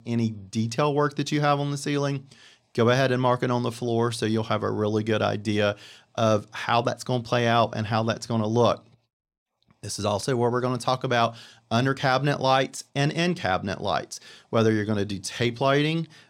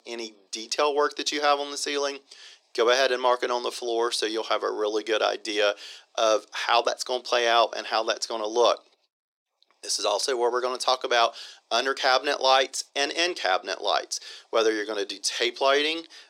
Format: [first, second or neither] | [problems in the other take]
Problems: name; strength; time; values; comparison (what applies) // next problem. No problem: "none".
first | thin; very; fading below 350 Hz